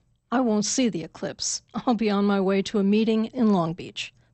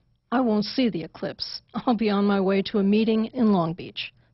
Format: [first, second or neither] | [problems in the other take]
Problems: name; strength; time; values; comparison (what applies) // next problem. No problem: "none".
first | garbled, watery; badly; nothing above 5.5 kHz; slightly in the first